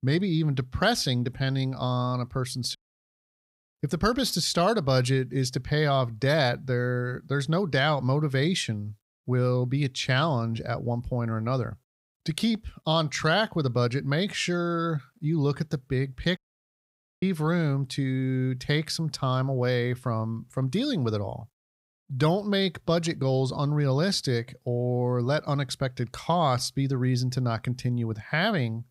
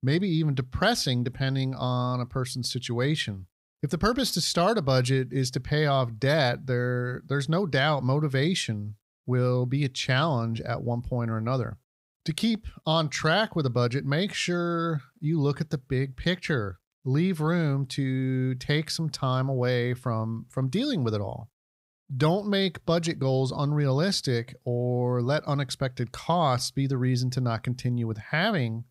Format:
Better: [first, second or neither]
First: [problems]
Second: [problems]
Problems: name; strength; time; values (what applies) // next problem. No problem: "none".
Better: second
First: audio cutting out; at 3 s for 1 s and at 16 s for 1 s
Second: none